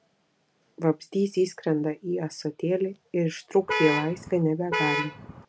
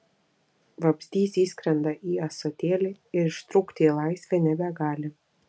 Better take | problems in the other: second | background sound (Vehicle horn, car horn, honking); 2 dB below the speech

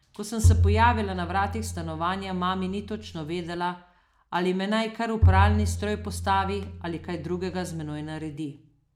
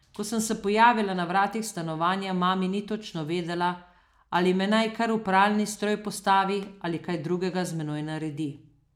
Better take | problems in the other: second | background sound (Bowed string instrument); 2 dB above the speech

